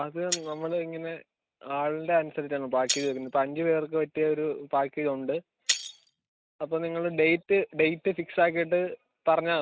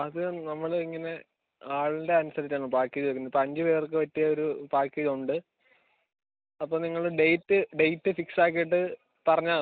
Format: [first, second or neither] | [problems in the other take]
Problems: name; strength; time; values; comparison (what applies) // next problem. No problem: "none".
second | noise reduction (neural mask model RNNoise)